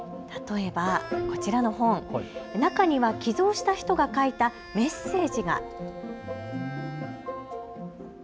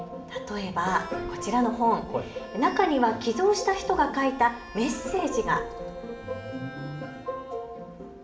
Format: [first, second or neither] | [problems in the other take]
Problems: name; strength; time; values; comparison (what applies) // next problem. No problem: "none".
first | room echo; dies away in 1.8 s